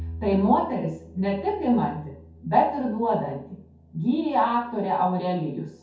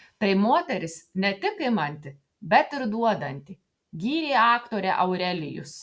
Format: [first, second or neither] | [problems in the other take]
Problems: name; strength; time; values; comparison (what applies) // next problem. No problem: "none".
second | background sound (Bowed string instrument); 18 dB below the speech // room echo; dies away in 0.6 s